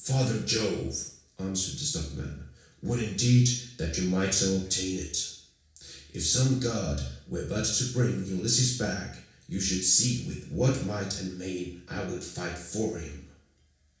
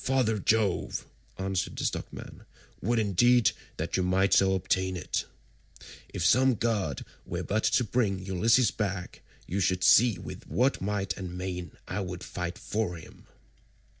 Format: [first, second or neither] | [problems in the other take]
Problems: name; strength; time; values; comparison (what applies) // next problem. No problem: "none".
second | room echo; dies away in 0.6 s